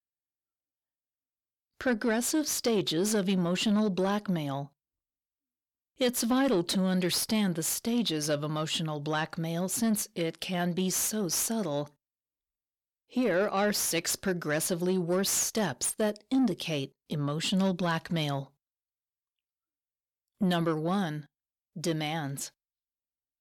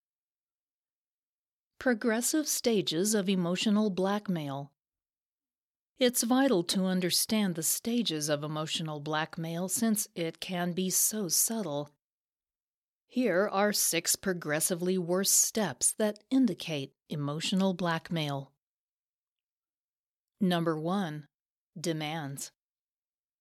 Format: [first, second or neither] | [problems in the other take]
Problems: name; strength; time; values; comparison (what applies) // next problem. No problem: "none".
second | distortion; slight; 10 dB below the speech